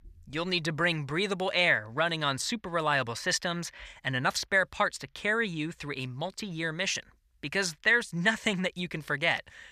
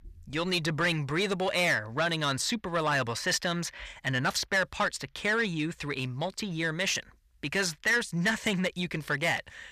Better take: first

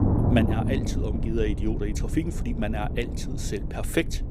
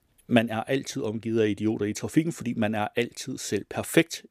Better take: second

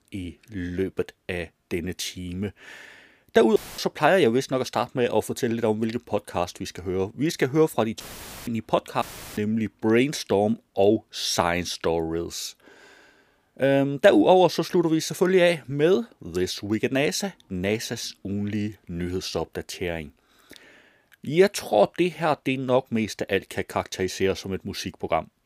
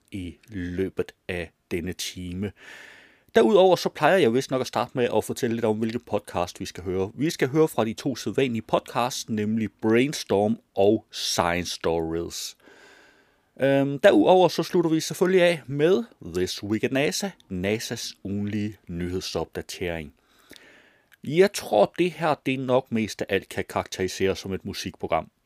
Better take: second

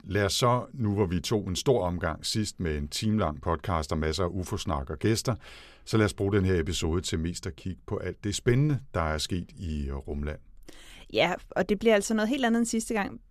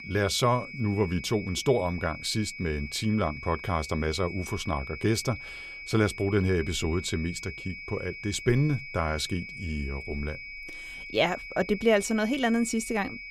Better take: first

